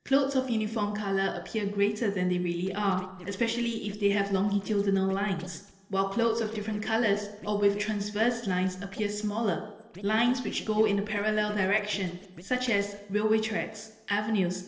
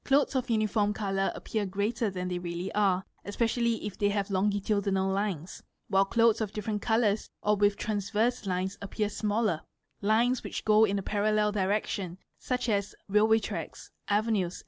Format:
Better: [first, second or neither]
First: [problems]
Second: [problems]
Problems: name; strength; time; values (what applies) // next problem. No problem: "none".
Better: second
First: noise reduction (neural separator model SepFormer DNS4)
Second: none